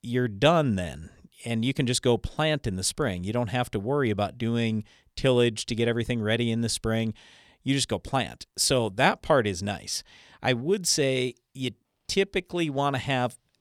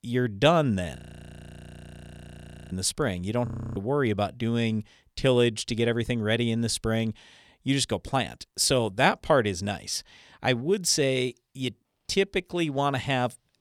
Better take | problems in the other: first | audio freezing; at 1 s for 2 s and at 3.5 s

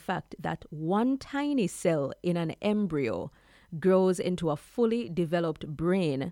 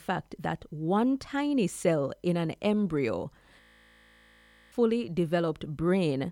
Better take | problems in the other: first | audio freezing; at 3.5 s for 1 s

